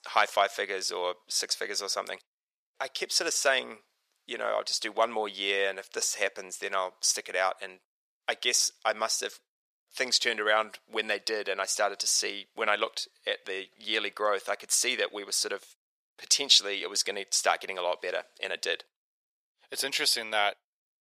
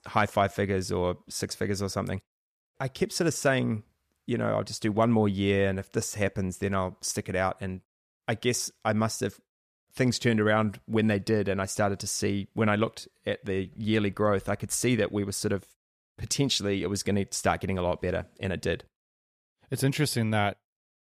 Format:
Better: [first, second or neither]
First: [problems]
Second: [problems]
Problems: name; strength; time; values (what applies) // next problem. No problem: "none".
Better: second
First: thin; very; fading below 500 Hz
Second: none